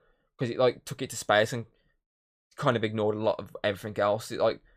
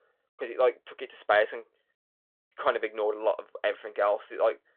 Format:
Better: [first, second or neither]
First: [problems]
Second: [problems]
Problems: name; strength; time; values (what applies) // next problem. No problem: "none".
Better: first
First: none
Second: phone-call audio; nothing above 3.5 kHz